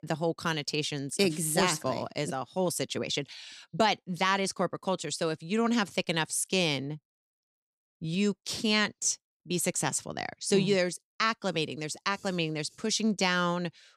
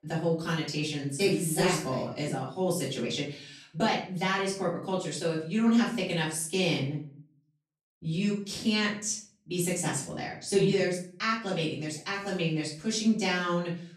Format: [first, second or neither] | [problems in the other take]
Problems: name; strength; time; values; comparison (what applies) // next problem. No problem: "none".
first | off-mic speech; far // room echo; noticeable; dies away in 0.4 s